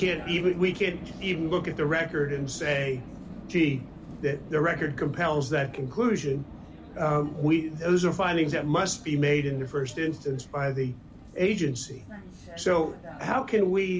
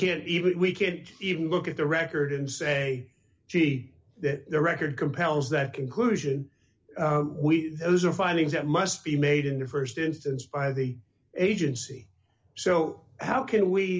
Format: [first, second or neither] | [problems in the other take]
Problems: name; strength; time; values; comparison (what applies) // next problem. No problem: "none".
second | background sound (Vehicle); 15 dB below the speech